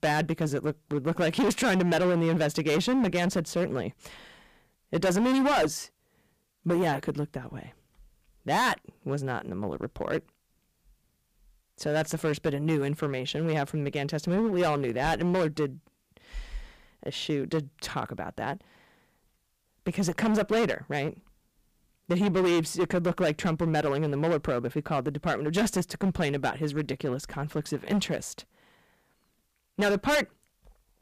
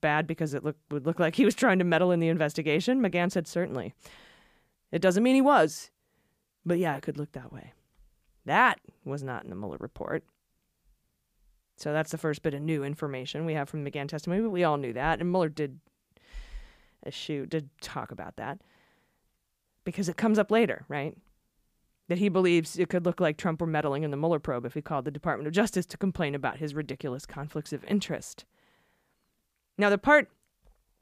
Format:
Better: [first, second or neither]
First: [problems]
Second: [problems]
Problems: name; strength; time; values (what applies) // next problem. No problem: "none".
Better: second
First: distortion; heavy; 10% of the sound clipped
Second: none